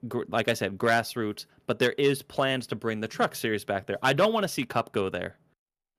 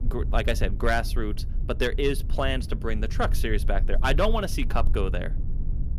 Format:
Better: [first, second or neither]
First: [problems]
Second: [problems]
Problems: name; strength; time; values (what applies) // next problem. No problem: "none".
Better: first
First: none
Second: low rumble; noticeable; throughout; 20 dB below the speech